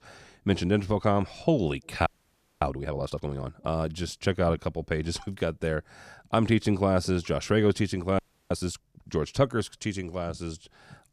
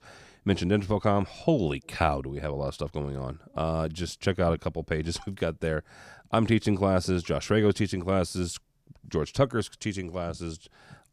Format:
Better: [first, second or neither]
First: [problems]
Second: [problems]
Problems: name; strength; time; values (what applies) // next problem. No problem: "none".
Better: second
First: audio freezing; at 2 s for 0.5 s and at 8 s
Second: none